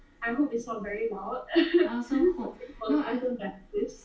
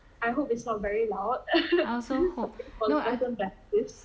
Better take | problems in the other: second | room echo; dies away in 0.2 s

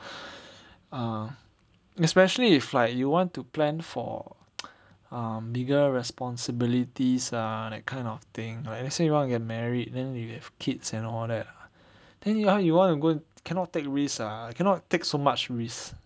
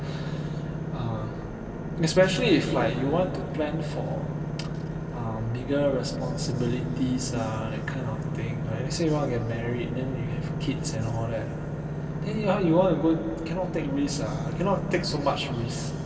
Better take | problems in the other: first | background sound (Engine / Boat, Water vehicle); 4 dB below the speech // room echo; dies away in 2.6 s

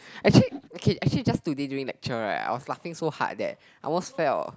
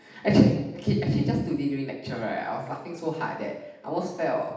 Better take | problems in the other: first | room echo; dies away in 0.8 s

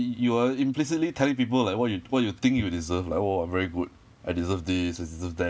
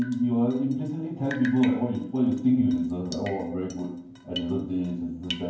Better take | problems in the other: first | background sound (Drip); 17 dB below the speech // room echo; dies away in 0.9 s

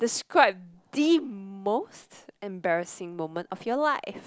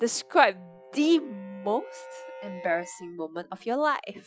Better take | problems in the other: first | noise reduction (classical method Wiener filter)

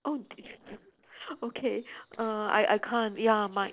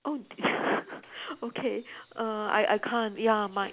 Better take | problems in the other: second | noise reduction (neural separator model SepFormer DNS4)

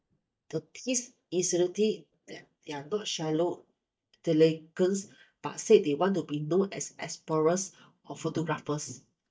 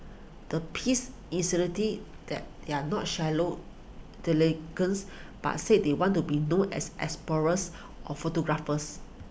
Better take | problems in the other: second | noise reduction (neural mask model DeepFilterNet 3)

